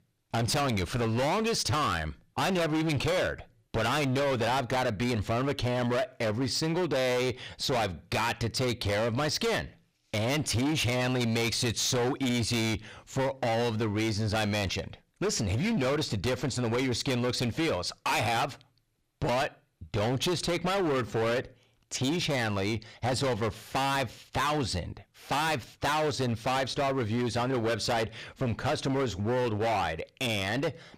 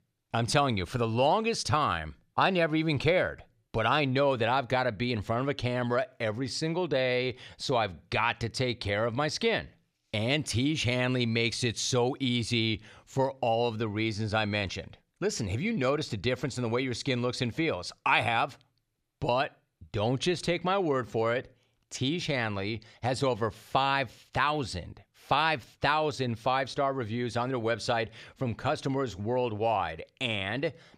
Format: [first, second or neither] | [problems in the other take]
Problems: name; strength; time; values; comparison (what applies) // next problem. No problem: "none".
second | distortion; heavy; 25% of the sound clipped